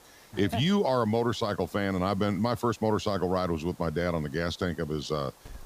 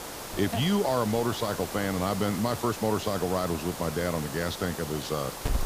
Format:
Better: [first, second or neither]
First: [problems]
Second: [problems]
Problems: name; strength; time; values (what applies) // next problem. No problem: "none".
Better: first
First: hiss; faint; throughout; 25 dB below the speech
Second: hiss; loud; throughout; 8 dB below the speech